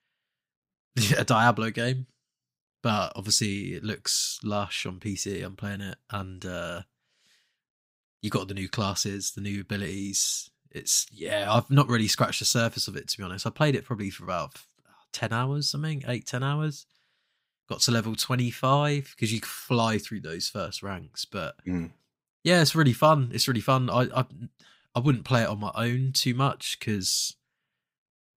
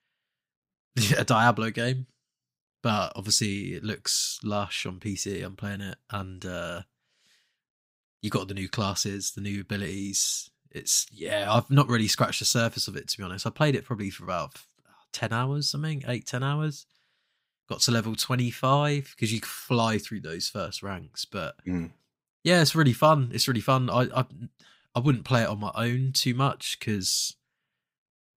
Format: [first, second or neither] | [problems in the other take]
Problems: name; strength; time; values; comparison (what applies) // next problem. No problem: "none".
neither | none